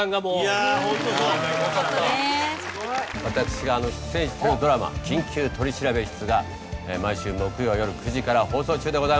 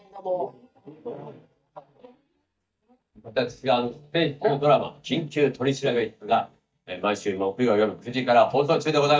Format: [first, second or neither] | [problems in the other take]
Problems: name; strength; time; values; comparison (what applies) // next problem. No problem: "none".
first | noise reduction (neural mask model DeepFilterNet 3)